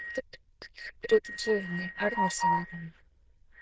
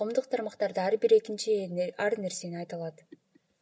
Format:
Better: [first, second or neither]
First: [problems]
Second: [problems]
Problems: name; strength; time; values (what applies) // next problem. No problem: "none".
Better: second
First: noise reduction (neural diffusion model UNIVERSE++)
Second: none